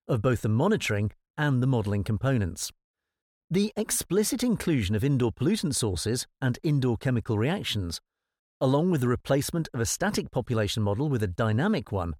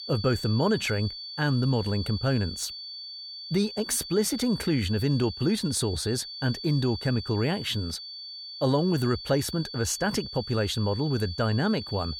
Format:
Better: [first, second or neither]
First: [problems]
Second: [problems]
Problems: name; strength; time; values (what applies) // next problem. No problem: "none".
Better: first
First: none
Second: high-pitched whine; loud; throughout; 4.5 kHz, 9 dB below the speech